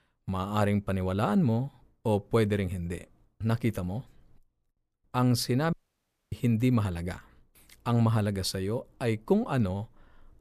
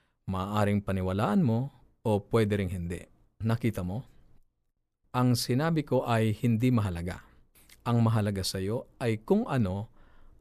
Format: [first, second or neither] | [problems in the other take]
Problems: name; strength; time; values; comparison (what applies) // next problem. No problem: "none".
second | audio cutting out; at 5.5 s for 0.5 s